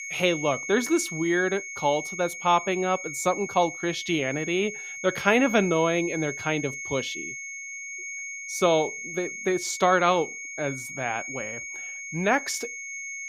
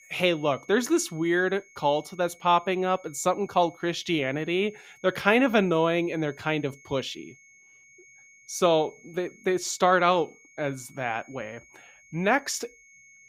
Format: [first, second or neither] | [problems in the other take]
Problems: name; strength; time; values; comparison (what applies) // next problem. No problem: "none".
second | high-pitched whine; loud; throughout; 2 kHz, 8 dB below the speech; faint in the second